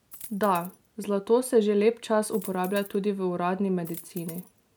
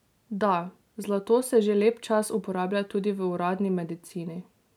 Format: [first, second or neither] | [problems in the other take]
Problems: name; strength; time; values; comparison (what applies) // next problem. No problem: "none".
second | background sound (Coin (dropping)); 18 dB below the speech